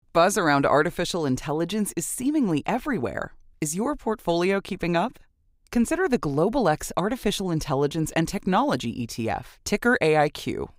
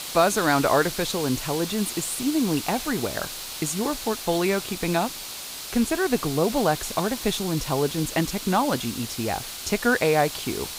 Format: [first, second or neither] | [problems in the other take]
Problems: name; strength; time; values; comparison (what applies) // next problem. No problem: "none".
first | hiss; loud; throughout; 7 dB below the speech